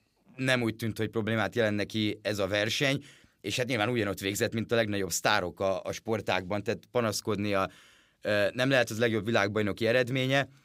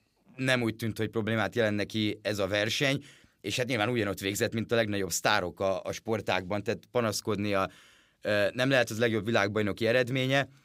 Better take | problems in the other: neither | none

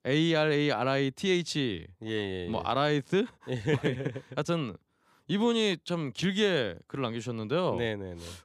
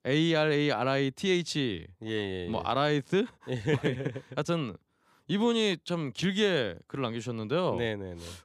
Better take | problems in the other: neither | none

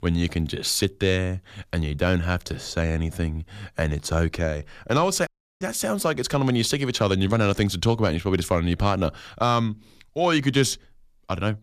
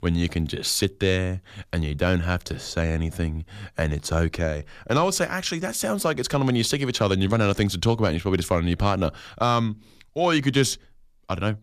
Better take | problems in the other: second | audio cutting out; at 5.5 s

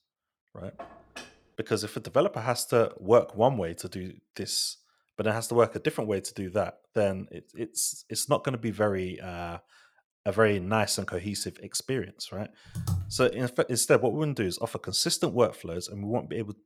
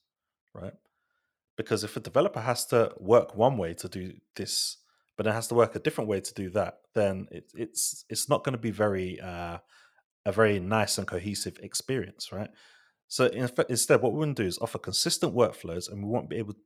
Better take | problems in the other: second | clattering dishes; faint; at 1 s; peak 15 dB below the speech // keyboard typing; noticeable; at 13 s; peak 4 dB below the speech

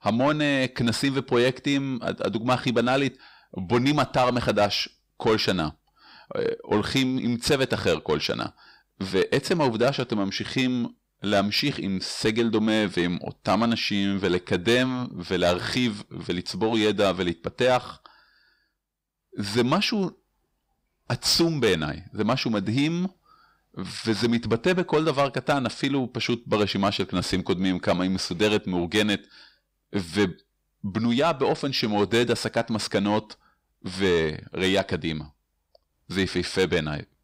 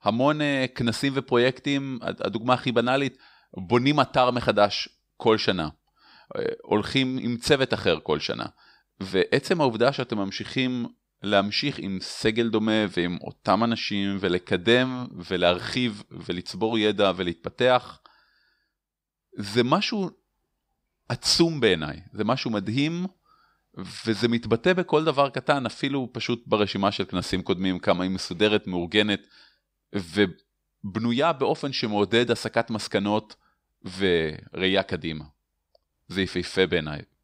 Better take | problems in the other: second | distortion; slight; 10 dB below the speech

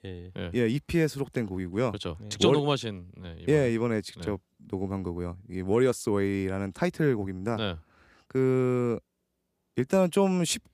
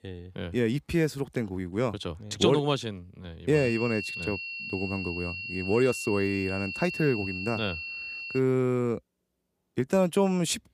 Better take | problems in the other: first | high-pitched whine; loud; from 3.5 to 8.5 s; 2.5 kHz, 6 dB below the speech

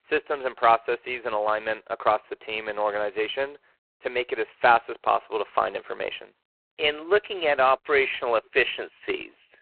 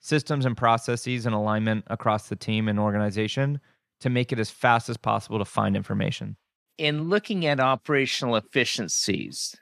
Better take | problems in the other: second | phone-call audio; poor line

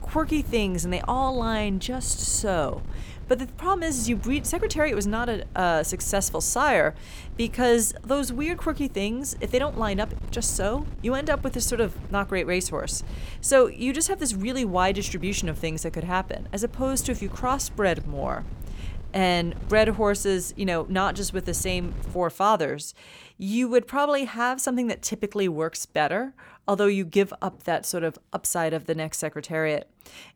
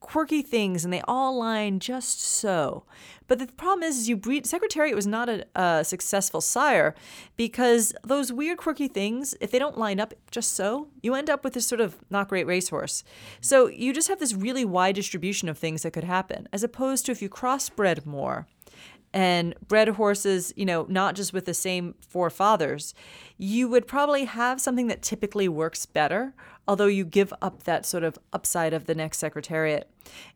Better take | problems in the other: second | wind noise on the microphone; occasional gusts; until 22 s; 25 dB below the speech

